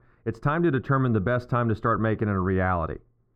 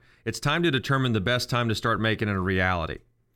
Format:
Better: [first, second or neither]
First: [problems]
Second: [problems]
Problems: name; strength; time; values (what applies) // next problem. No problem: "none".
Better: second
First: muffled; very; fading above 2 kHz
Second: none